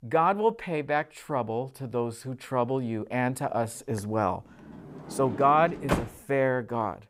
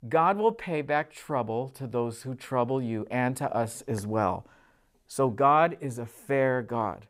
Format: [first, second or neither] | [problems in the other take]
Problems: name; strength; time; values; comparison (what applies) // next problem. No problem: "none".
second | door banging; noticeable; at 5 s; peak 2 dB below the speech